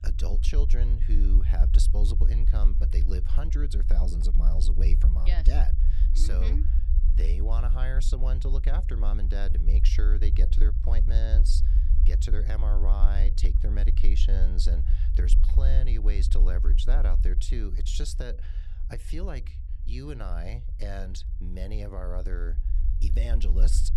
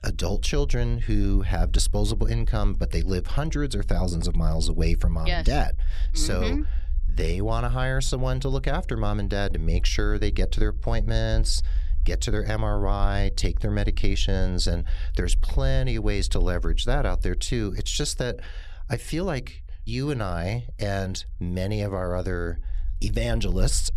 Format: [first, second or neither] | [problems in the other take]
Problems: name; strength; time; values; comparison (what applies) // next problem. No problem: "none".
second | low rumble; loud; throughout; 7 dB below the speech; faint in the second